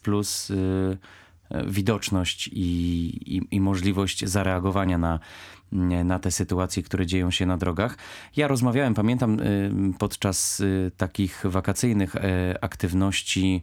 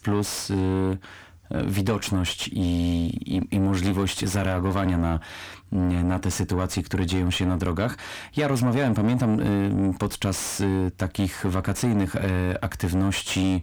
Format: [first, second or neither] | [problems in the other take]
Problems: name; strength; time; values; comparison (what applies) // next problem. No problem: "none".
first | distortion; slight; 10 dB below the speech